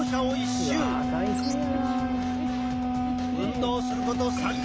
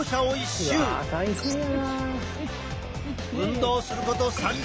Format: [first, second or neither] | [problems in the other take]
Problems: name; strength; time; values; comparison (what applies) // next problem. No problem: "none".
second | background sound (Wind instrument, woodwind instrument); 3 dB above the speech